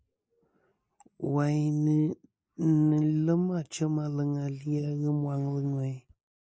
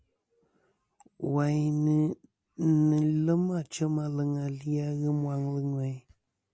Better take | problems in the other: second | noise reduction (neural mask model Resemble Enhance denoiser)

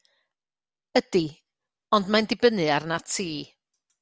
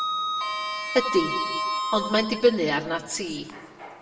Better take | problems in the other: first | background sound (Sliding door); 4 dB below the speech // room echo; dies away in 1 s

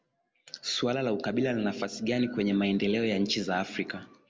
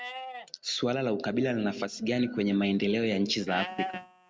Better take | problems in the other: first | noise reduction (neural mask model RNNoise)

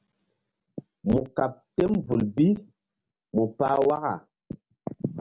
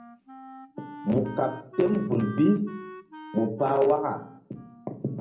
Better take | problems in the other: first | background sound (Wind instrument, woodwind instrument); 16 dB below the speech // room echo; dies away in 0.5 s

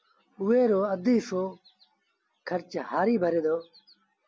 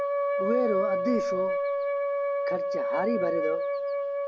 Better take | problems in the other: first | background sound (Wind instrument, woodwind instrument); 4 dB above the speech

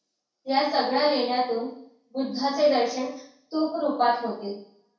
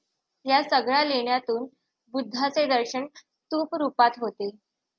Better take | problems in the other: second | room echo; dies away in 0.6 s

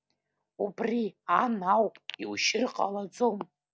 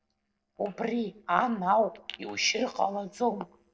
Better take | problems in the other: first | noise reduction (neural separator model SepFormer DNS4)

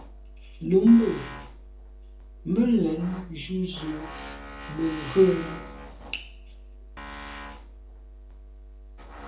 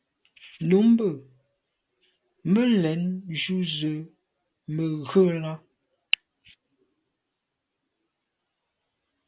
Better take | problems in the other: second | background sound (Tools); 14 dB below the speech // room echo; dies away in 0.6 s

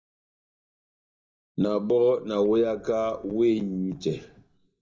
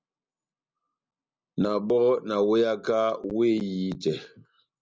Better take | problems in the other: second | noise reduction (neural mask model DeepFilterNet 3)

